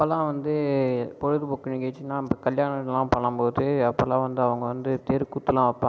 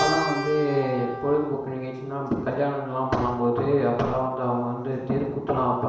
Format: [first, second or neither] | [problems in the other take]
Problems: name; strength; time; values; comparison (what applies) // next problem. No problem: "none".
first | background sound (Keyboard (musical)); 10 dB below the speech // room echo; dies away in 0.6 s